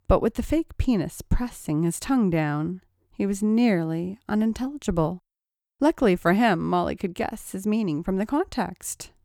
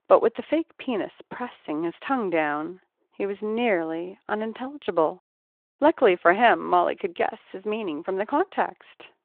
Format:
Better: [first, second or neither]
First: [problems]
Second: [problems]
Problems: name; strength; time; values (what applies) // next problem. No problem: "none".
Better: first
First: none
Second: phone-call audio